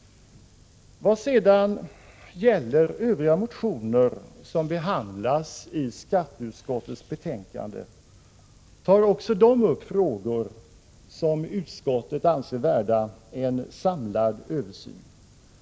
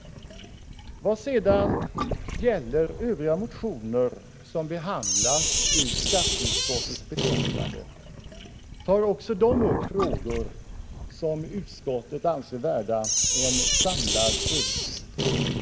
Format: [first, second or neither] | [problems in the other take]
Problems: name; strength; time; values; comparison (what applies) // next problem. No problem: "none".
first | background sound (Sink (filling or washing)); as loud as the speech